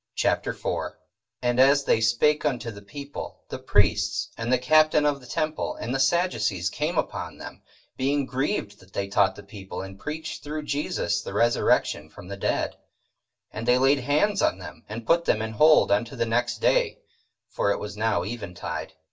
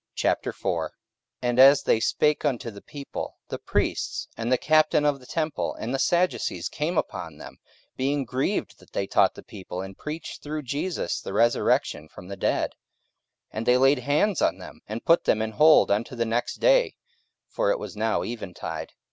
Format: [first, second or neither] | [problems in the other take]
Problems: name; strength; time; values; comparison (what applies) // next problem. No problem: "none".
second | room echo; dies away in 0.2 s